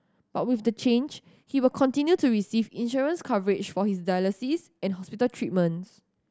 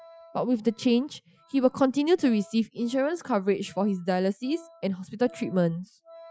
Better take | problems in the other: first | noise reduction (classical method Wiener filter)

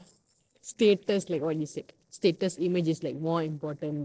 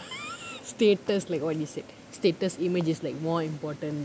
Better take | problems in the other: second | noise reduction (neural separator model SepFormer DNS4)

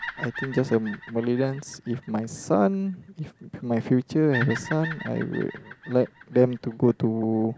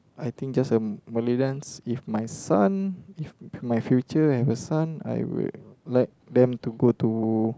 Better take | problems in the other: second | background sound (Bird vocalization, bird call, bird song); 14 dB below the speech

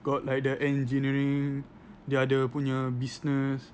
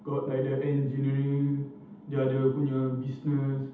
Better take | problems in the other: first | room echo; dies away in 0.8 s

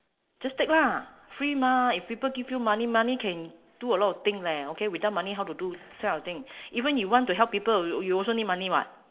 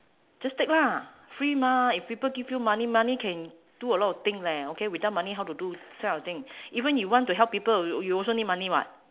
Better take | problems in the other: second | noise reduction (neural separator model SepFormer DNS4)

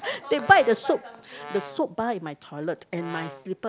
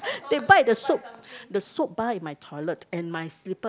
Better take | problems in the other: second | background sound (Brass instrument); 16 dB below the speech

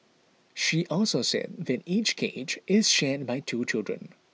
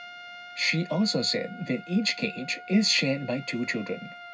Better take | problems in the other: first | background sound (Trumpet); 16 dB below the speech // room echo; dies away in 0.4 s

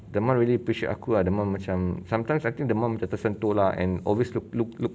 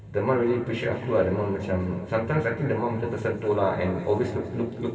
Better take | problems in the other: first | room echo; dies away in 2.6 s

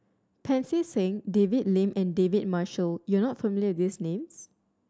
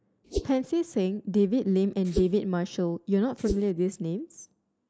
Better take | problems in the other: first | noise reduction (neural mask model Resemble Enhance denoiser)

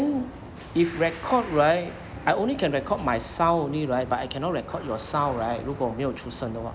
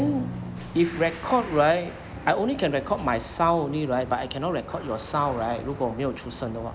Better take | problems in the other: first | background sound (Drum); 17 dB below the speech

